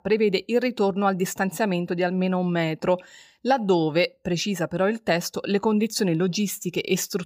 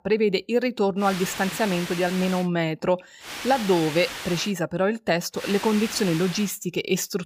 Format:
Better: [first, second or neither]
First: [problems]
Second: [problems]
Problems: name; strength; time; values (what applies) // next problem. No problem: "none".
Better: first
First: none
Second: hiss; loud; from 1 to 2.5 s, from 3.5 to 4.5 s and from 5.5 to 6.5 s; 9 dB below the speech